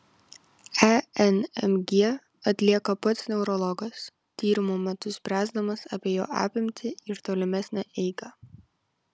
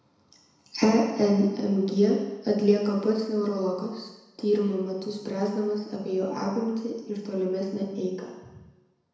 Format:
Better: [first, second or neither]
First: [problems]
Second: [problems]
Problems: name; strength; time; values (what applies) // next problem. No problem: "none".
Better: first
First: none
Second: room echo; dies away in 1 s